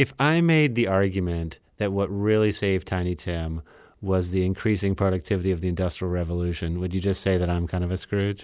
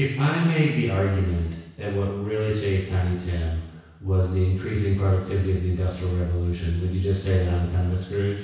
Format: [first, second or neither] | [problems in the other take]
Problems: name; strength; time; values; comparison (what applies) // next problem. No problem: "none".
first | room echo; dies away in 1.1 s